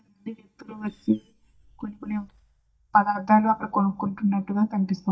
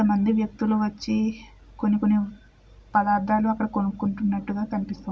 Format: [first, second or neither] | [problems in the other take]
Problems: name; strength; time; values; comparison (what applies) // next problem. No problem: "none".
second | noise reduction (neural mask model DeepFilterNet 3)